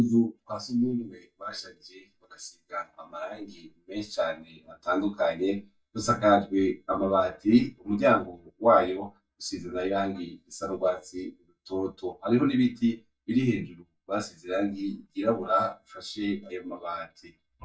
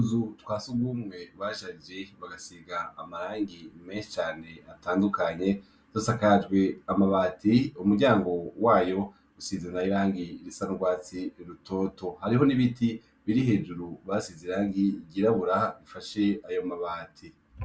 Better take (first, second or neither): second